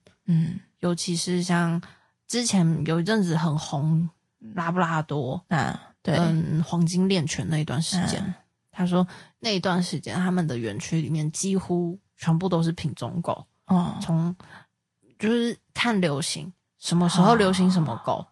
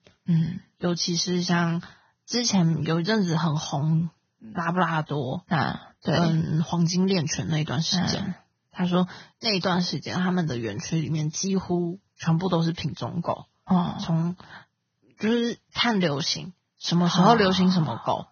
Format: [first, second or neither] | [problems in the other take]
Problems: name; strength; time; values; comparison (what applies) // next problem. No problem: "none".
first | garbled, watery; badly; nothing above 6.5 kHz; slightly in the first